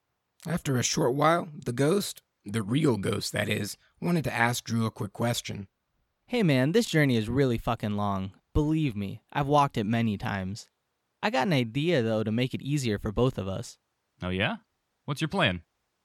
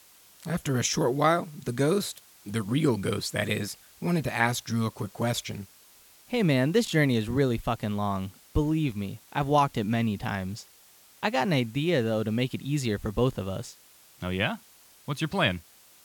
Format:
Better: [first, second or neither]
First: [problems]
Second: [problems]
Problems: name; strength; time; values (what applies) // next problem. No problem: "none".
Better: first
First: none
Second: hiss; faint; throughout; 25 dB below the speech